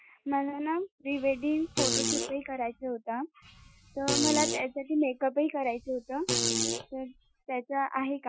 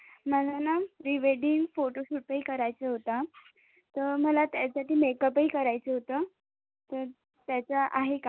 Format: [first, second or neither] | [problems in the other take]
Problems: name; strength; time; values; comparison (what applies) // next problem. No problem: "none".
second | noise reduction (classical method Wiener filter)